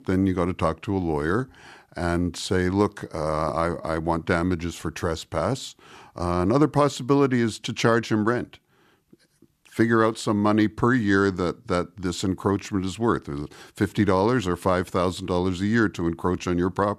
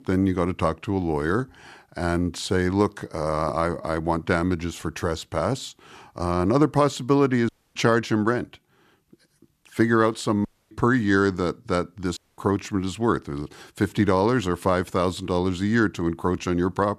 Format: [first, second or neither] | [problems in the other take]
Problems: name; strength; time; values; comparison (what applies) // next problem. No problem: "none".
first | audio cutting out; at 7.5 s, at 10 s and at 12 s